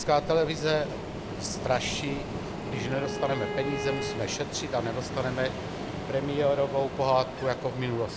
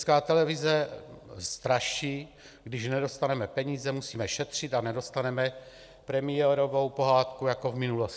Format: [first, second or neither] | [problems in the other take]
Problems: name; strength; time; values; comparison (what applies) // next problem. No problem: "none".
second | background sound (Bowed string instrument + Ocean); 5 dB below the speech